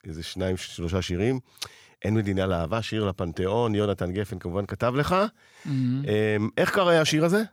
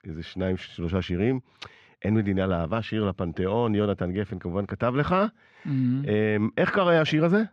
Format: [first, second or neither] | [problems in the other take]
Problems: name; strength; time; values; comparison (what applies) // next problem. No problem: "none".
first | muffled; slightly; fading above 2.5 kHz